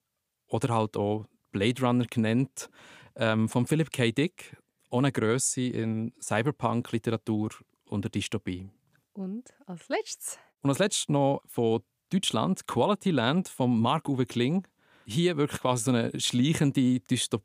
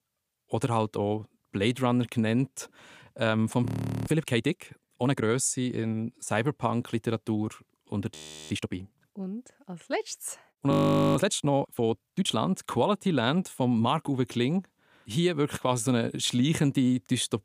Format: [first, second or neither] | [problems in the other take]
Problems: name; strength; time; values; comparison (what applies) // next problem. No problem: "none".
first | audio freezing; at 3.5 s, at 8 s and at 11 s